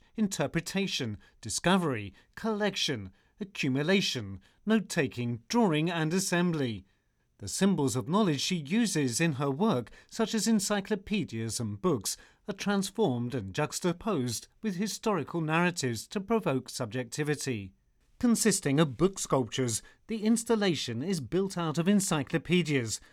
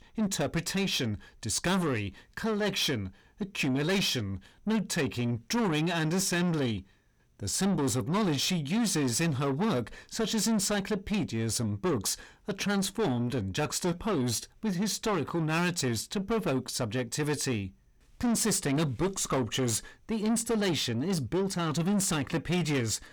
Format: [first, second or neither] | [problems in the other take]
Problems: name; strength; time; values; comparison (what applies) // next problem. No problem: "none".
first | distortion; heavy; 7 dB below the speech